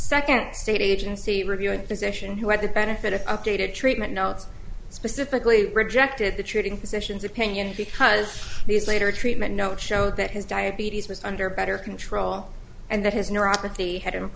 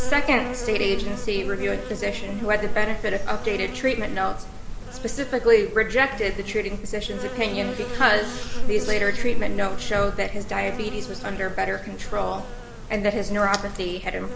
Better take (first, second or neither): first